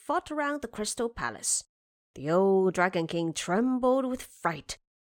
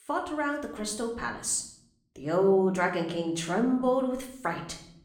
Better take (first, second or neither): first